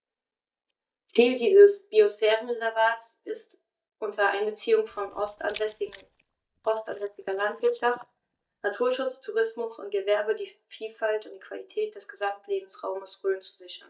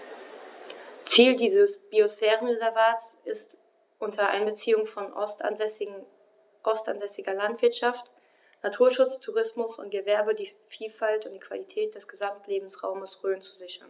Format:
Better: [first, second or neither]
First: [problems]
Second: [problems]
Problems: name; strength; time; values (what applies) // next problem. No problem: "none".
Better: second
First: noise reduction (neural mask model DeepFilterNet 3)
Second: none